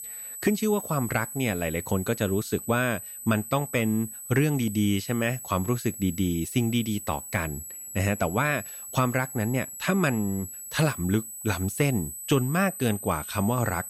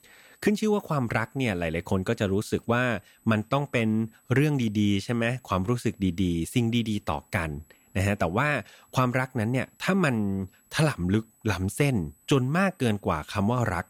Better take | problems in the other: second | high-pitched whine; loud; throughout; 8 kHz, 9 dB below the speech; faint in the second

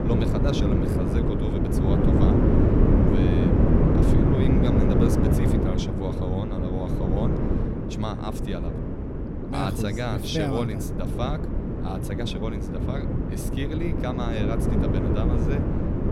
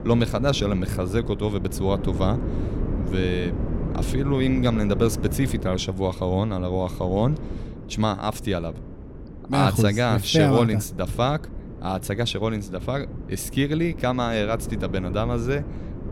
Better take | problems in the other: second | wind noise on the microphone; heavy; 3 dB above the speech; occasional gusts in the second

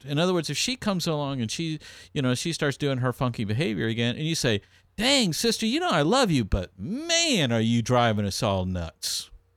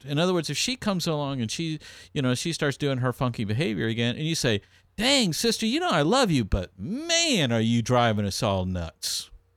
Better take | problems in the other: neither | none

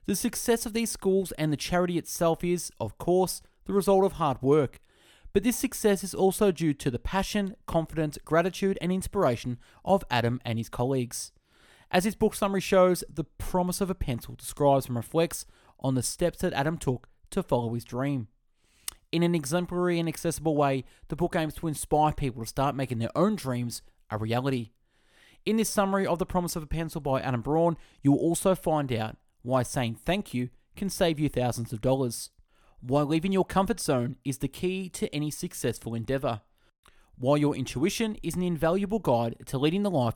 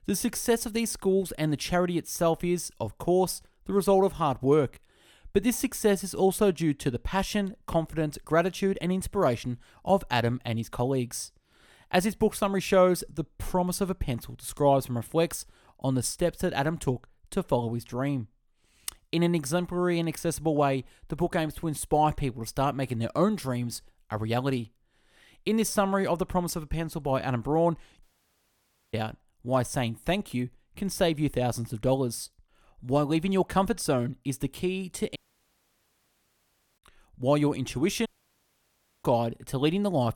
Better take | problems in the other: first | audio cutting out; at 28 s for 1 s, at 35 s for 1.5 s and at 38 s for 1 s

